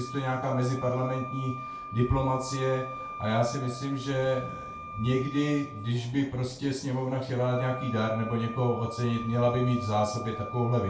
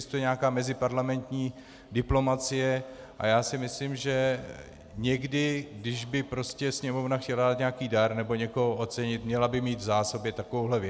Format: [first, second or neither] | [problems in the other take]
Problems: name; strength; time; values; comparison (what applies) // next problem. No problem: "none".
second | background sound (Wind instrument, woodwind instrument); 12 dB below the speech // room echo; dies away in 0.3 s